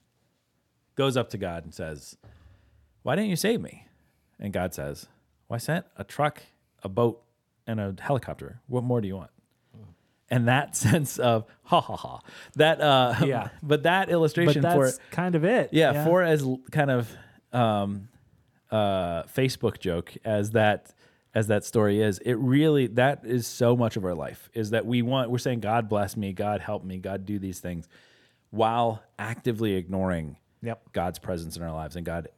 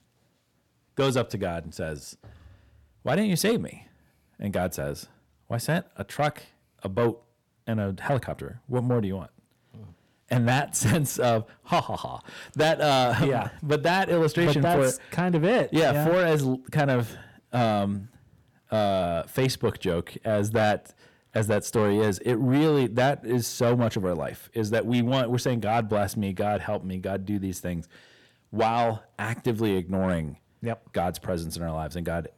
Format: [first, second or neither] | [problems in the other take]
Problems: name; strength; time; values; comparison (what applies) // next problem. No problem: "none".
first | distortion; slight; 10 dB below the speech